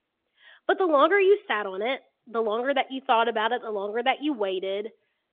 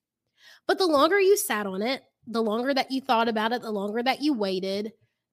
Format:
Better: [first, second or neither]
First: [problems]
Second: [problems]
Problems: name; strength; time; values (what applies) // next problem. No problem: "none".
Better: second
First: phone-call audio; nothing above 3.5 kHz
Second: none